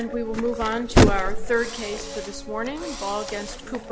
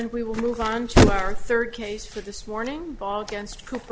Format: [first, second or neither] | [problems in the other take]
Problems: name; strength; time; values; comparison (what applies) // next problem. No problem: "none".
second | background sound (Engine / Drill + Guitar); 14 dB below the speech